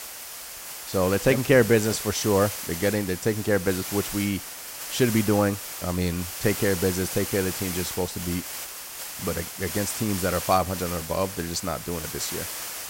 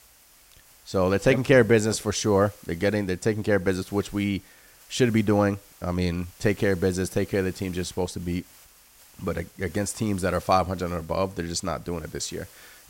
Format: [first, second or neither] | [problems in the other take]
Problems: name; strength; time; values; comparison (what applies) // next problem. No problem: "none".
second | hiss; loud; throughout; 7 dB below the speech; faint in the second